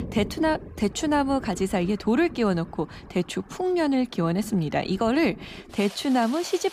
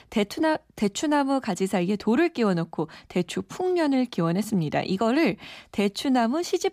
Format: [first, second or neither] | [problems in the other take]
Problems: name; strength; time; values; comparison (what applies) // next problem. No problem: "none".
second | rain or running water; noticeable; throughout; 15 dB below the speech